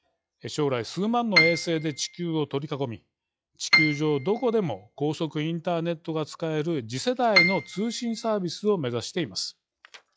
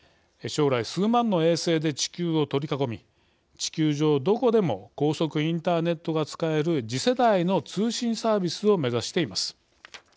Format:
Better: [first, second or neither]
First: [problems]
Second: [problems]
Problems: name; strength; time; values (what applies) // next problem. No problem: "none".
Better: second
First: noise reduction (classical method log-MMSE)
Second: none